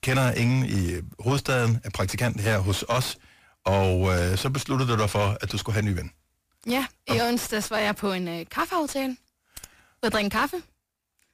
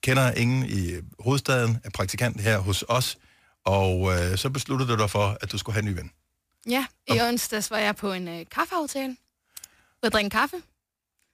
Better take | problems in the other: second | distortion; slight; 10 dB below the speech

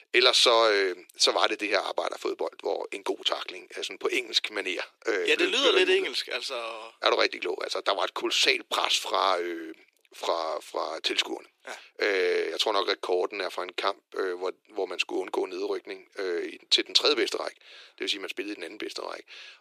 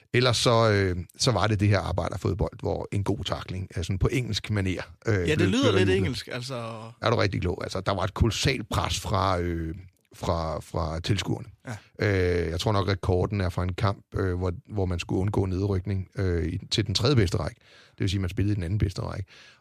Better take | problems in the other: second | thin; very; fading below 350 Hz

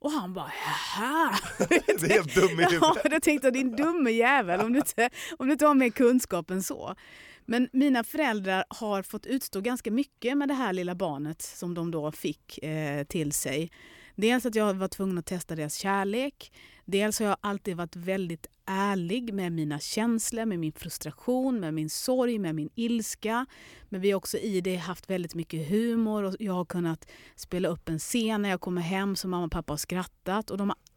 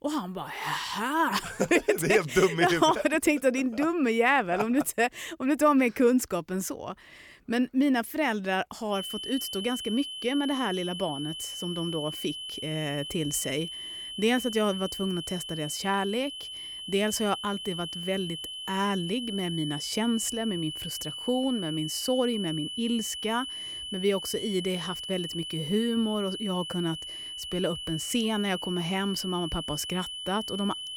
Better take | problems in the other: first | high-pitched whine; loud; from 9 s on; 3 kHz, 7 dB below the speech

